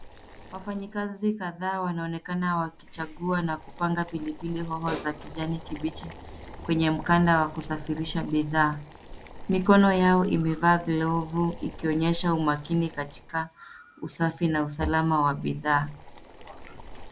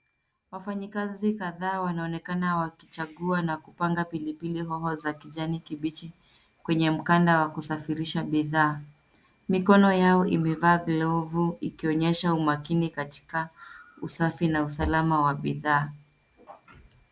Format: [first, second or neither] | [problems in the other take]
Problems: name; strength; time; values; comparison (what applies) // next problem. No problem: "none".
second | background sound (Boiling + Hi-hat); 15 dB below the speech